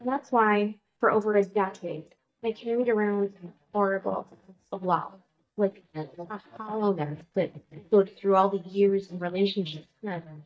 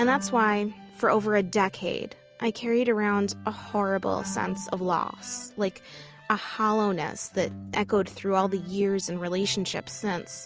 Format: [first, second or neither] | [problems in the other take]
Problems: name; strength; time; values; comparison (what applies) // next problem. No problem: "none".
second | noise reduction (neural mask model DeepFilterNet 3)